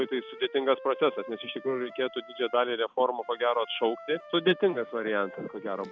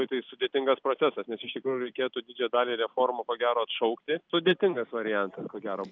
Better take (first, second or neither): second